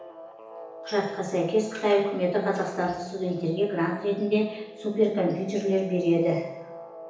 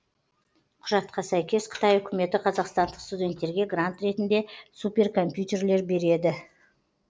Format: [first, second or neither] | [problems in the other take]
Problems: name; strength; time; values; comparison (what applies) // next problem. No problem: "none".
second | background sound (Guitar); 16 dB below the speech // room echo; dies away in 0.9 s